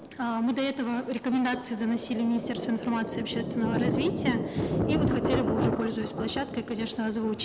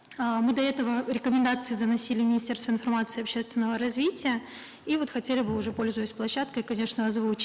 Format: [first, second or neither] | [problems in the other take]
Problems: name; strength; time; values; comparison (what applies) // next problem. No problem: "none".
second | background sound (Thunder); 2 dB below the speech